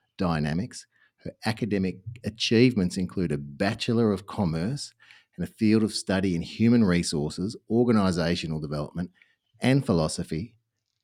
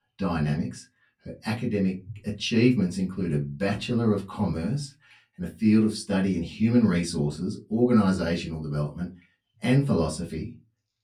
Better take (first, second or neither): first